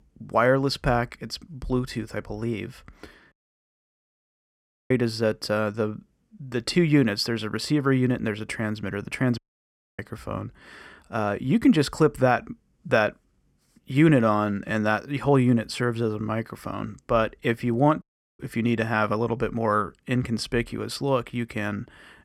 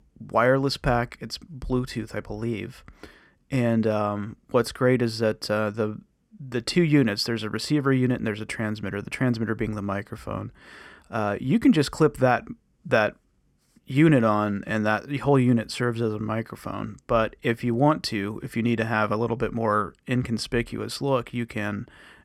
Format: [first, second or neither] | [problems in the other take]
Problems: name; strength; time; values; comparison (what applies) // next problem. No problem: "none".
second | audio cutting out; at 3.5 s for 1.5 s, at 9.5 s for 0.5 s and at 18 s